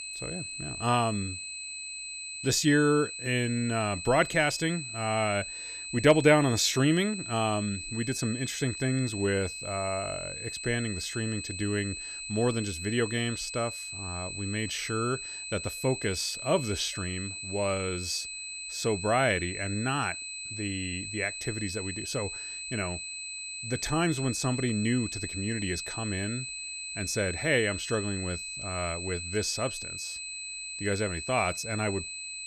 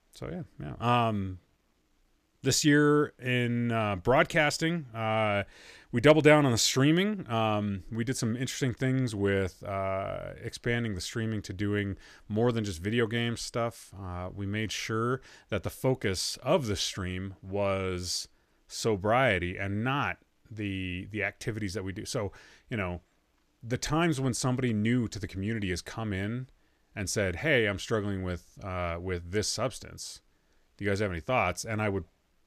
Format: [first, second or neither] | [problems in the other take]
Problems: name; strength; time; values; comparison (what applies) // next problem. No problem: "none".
second | high-pitched whine; loud; throughout; 2.5 kHz, 6 dB below the speech